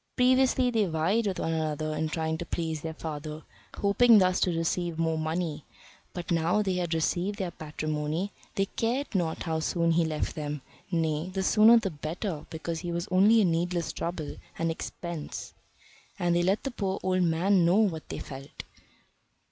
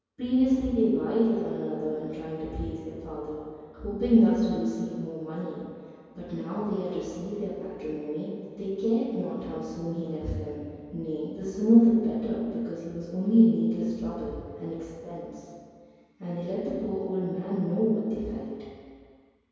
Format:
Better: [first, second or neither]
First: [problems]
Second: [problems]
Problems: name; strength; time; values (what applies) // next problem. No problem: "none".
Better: first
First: none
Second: room echo; dies away in 2.2 s